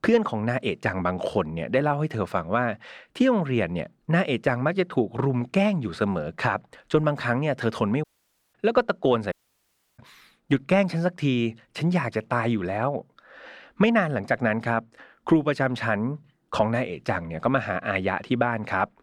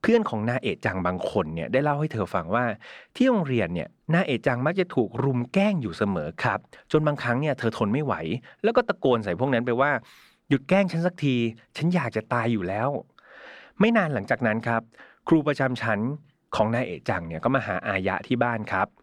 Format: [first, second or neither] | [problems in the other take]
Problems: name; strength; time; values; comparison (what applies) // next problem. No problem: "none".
second | audio cutting out; at 8 s for 0.5 s and at 9.5 s for 0.5 s